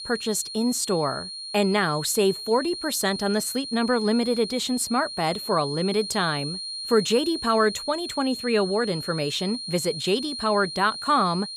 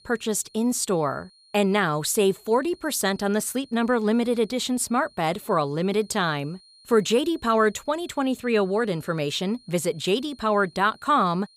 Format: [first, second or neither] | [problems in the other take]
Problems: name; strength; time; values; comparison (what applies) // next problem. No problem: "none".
second | high-pitched whine; loud; throughout; 4 kHz, 8 dB below the speech; faint in the second